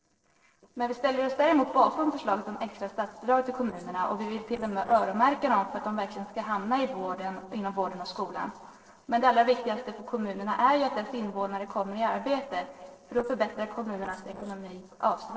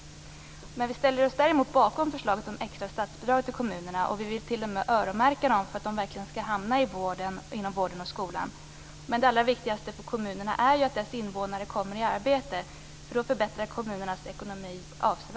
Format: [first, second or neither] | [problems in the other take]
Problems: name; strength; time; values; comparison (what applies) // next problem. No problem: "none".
second | noise reduction (neural separator model SepFormer DNS4)